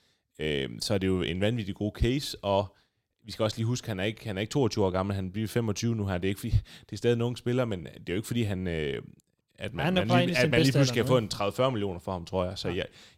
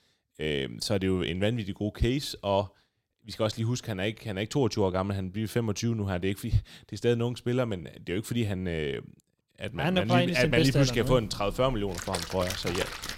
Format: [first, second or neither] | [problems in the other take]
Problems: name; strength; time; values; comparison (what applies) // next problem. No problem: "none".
first | rain or running water; loud; from 10 s on; 9 dB below the speech